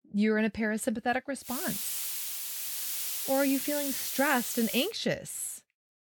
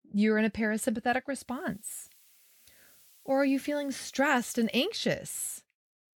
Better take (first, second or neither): second